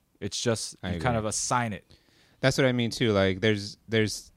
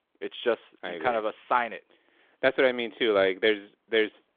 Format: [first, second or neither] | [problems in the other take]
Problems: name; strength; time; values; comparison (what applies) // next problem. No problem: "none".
first | phone-call audio; nothing above 3.5 kHz